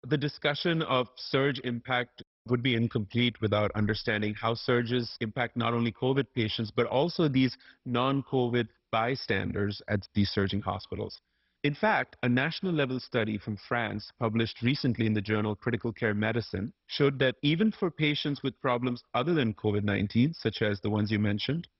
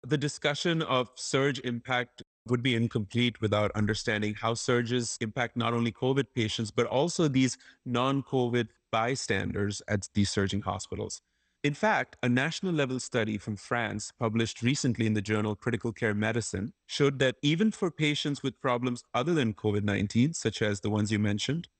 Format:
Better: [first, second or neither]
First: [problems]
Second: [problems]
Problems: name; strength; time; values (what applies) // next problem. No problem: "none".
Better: second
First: garbled, watery; badly; nothing above 5.5 kHz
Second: garbled, watery; slightly; nothing above 8.5 kHz